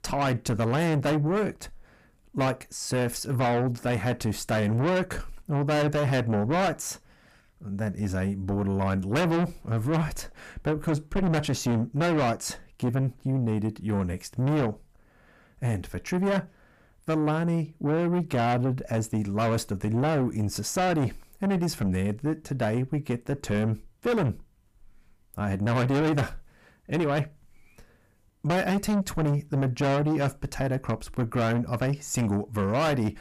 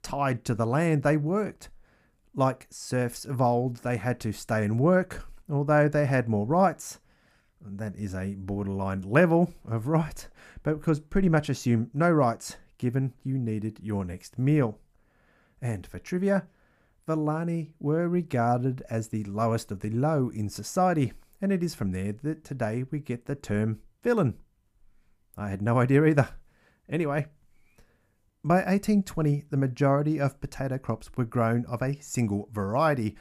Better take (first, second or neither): second